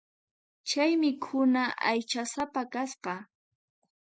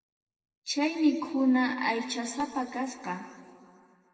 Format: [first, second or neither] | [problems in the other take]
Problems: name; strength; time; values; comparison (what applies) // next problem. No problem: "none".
first | room echo; dies away in 2.2 s